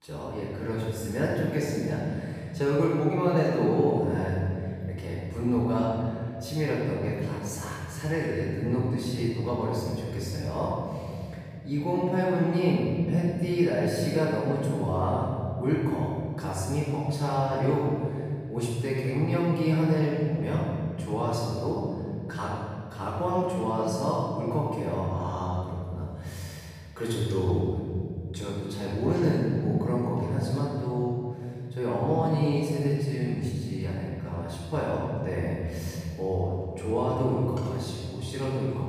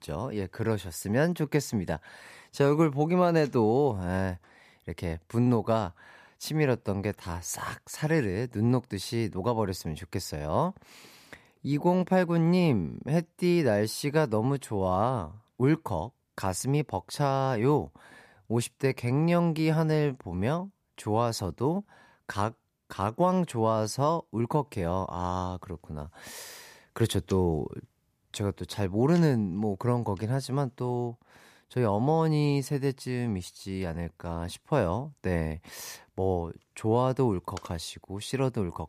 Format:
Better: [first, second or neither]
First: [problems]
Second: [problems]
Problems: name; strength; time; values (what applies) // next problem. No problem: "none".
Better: second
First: off-mic speech; far // room echo; strong; dies away in 2.6 s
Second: none